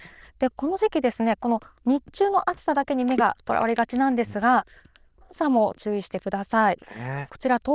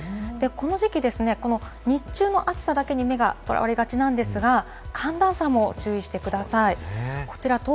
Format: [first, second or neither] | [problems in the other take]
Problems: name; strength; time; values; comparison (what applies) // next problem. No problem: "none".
second | noise reduction (neural diffusion model UNIVERSE++)